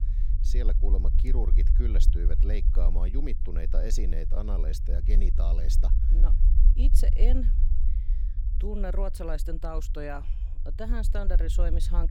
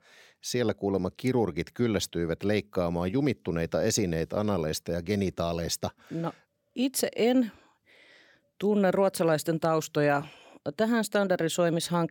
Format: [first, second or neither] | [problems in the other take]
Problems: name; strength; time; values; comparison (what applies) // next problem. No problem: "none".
second | low rumble; loud; throughout; 10 dB below the speech